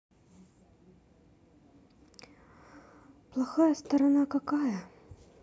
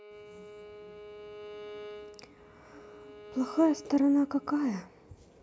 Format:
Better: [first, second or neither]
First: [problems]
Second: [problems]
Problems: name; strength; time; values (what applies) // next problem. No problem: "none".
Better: first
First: none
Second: background sound (Bowed string instrument); 16 dB below the speech